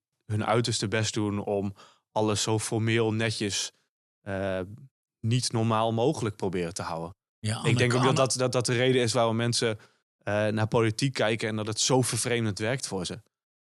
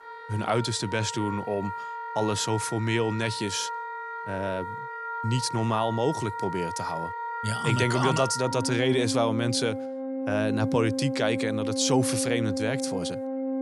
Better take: first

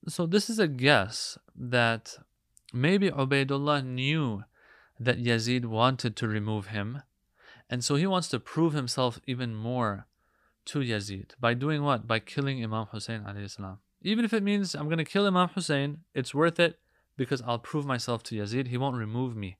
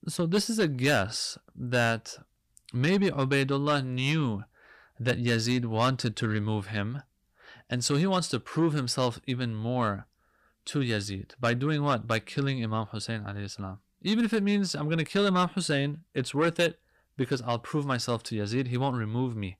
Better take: first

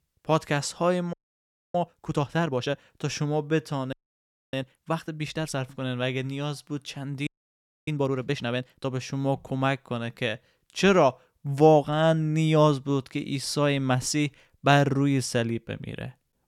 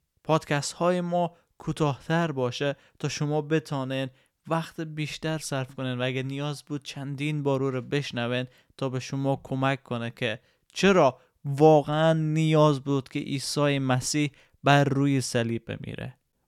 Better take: second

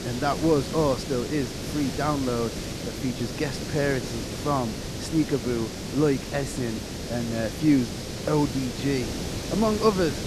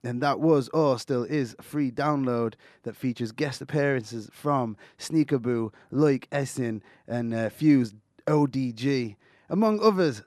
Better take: second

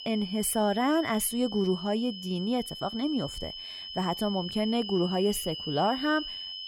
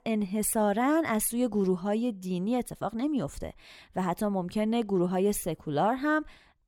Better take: second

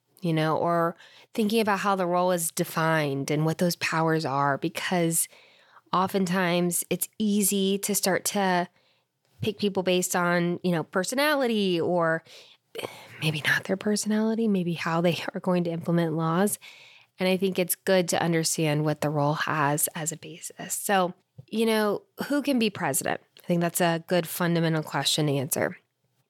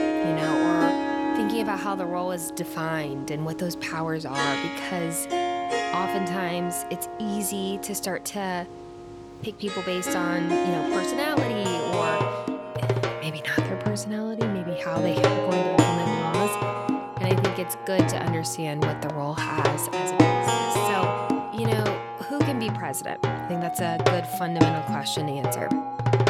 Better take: first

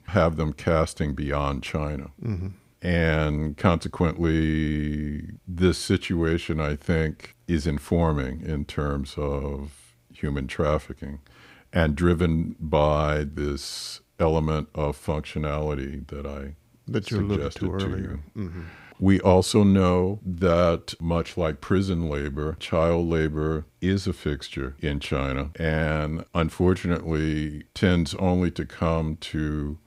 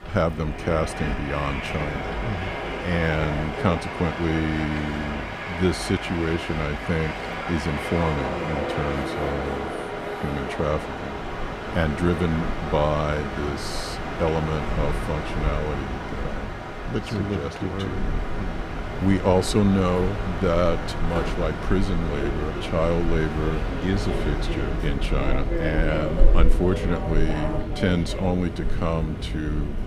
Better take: first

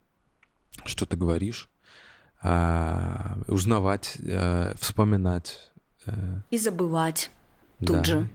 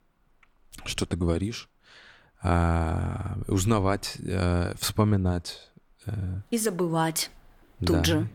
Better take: second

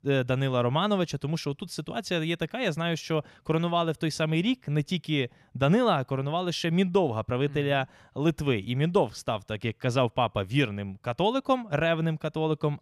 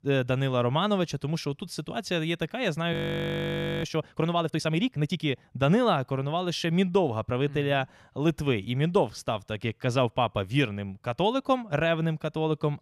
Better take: first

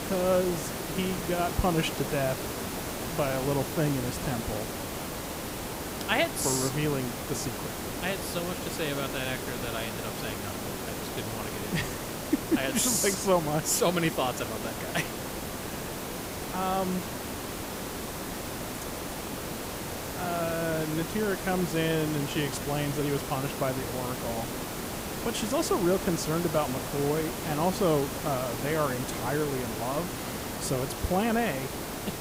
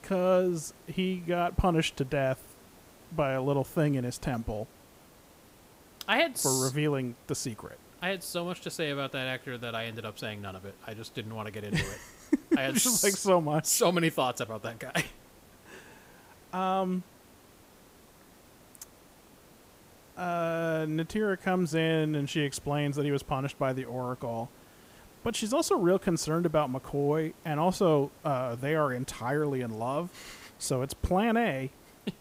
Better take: second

